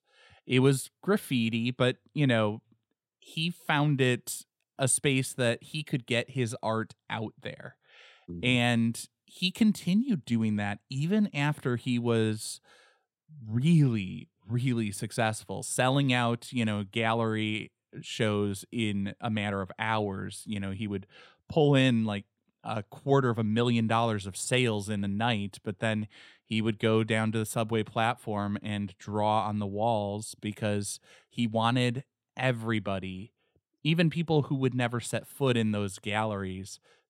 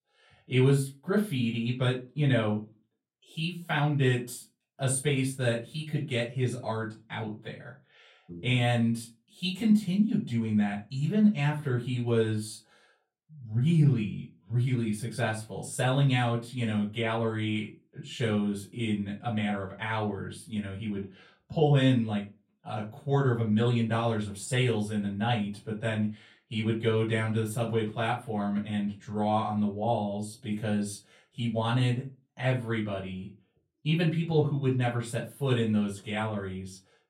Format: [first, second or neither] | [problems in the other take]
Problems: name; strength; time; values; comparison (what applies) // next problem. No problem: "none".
first | off-mic speech; far // room echo; very slight; dies away in 0.2 s